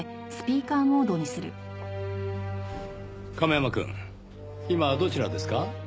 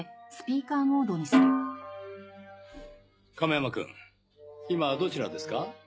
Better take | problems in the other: first | noise reduction (classical method log-MMSE)

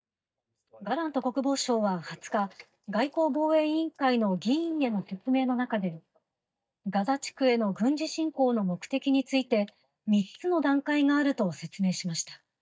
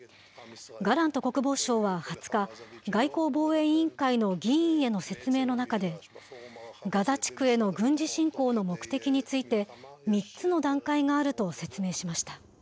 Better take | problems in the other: second | noise reduction (neural mask model DeepFilterNet 3)

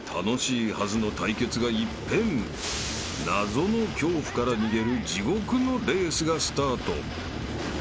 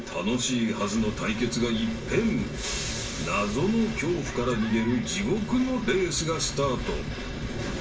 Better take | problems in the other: first | room echo; dies away in 0.3 s

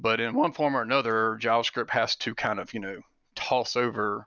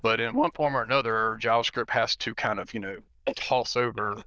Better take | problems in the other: first | noise reduction (neural diffusion model UNIVERSE++)

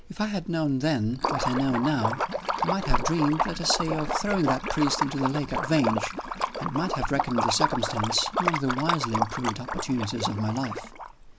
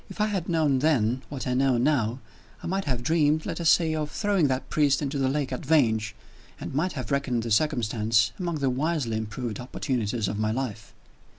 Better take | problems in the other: second | background sound (Liquid); 2 dB below the speech

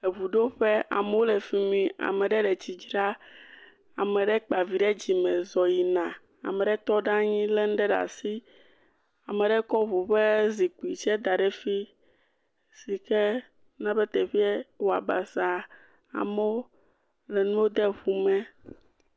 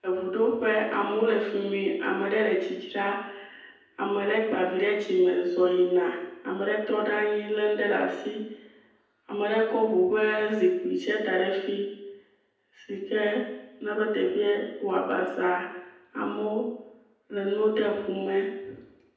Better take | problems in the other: first | room echo; dies away in 0.9 s

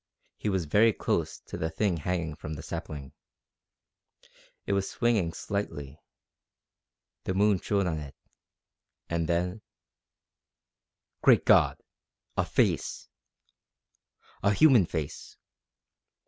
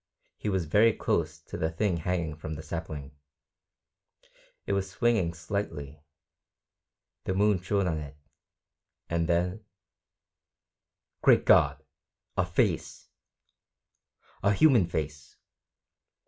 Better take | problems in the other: first | room echo; dies away in 0.2 s

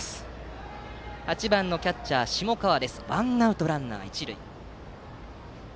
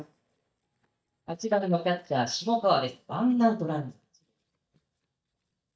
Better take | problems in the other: first | noise reduction (neural mask model DeepFilterNet 3)

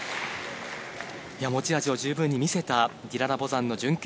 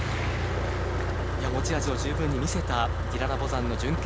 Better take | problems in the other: first | background sound (Motor vehicle (road)); 4 dB above the speech

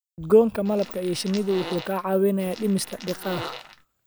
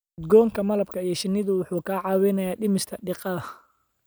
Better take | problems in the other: second | background sound (Fart); 15 dB below the speech

